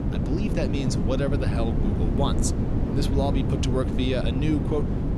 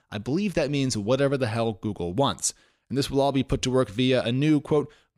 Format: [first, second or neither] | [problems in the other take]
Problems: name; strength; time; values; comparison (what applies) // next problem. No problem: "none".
second | wind noise on the microphone; heavy; 3 dB below the speech